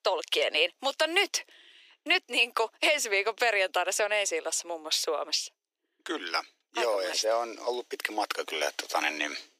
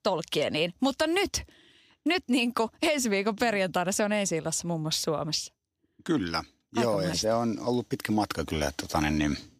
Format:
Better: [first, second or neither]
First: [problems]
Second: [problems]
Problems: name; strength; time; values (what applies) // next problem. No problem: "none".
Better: second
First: thin; very; fading below 400 Hz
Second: none